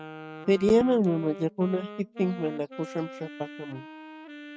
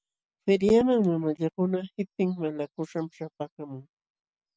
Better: second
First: background sound (Wind instrument, woodwind instrument); 14 dB below the speech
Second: none

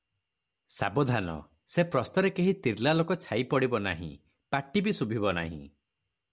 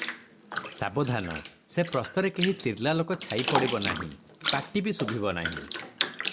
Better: first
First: none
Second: background sound (Bathtub (filling or washing)); 5 dB below the speech

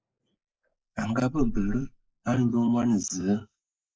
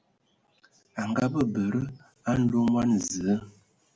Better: second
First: noise reduction (neural mask model Resemble Enhance denoiser)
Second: none

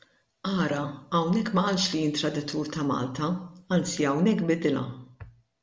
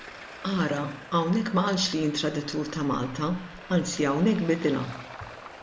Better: first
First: none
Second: background sound (Traffic noise, roadway noise); 16 dB below the speech

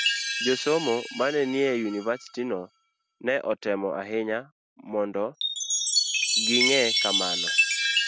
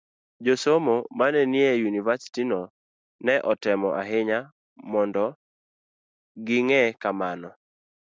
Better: second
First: background sound (Chime); as loud as the speech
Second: none

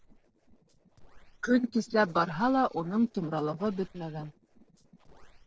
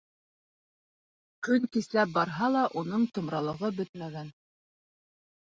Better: second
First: noise reduction (neural separator model SepFormer DNS4)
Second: none

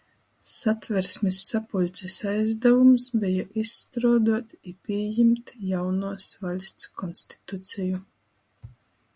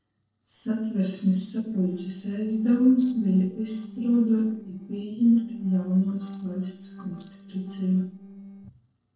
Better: first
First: none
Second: noise reduction (neural separator model SepFormer DNS4)

